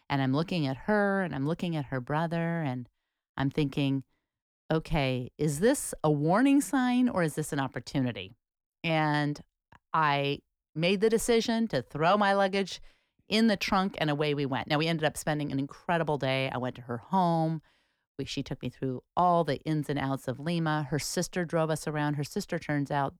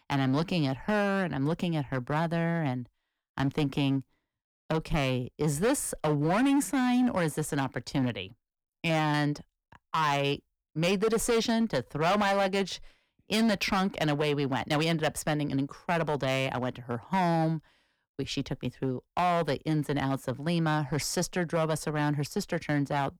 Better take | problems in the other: first | distortion; slight; 8% of the sound clipped

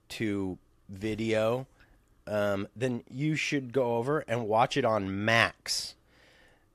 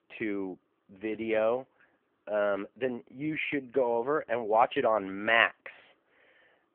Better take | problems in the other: first | phone-call audio; poor line; nothing above 3 kHz

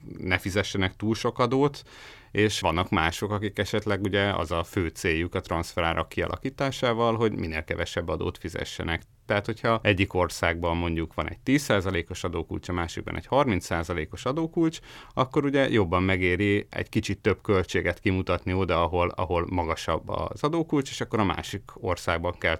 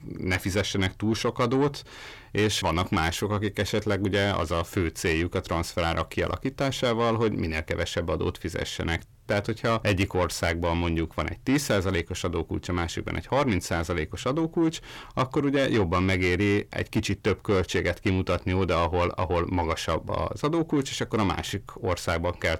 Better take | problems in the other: first | distortion; slight; 10 dB below the speech

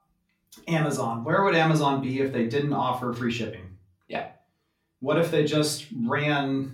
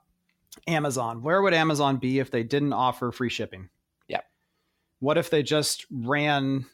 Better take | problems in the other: second | off-mic speech; far // room echo; slight; dies away in 0.3 s

